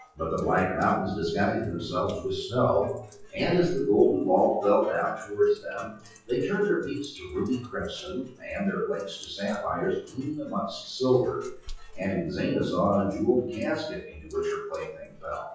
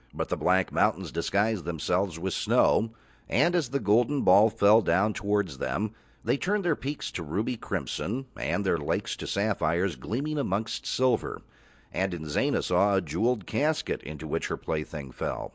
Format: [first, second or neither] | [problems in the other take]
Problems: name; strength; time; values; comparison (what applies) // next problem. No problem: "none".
second | noise reduction (classical method WPE with log-MMSE)